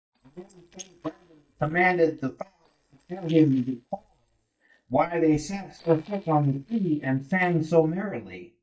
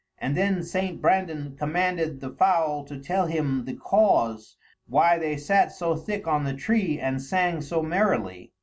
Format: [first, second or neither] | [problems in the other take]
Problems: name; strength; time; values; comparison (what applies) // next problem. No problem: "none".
second | noise reduction (neural mask model DeepFilterNet 3)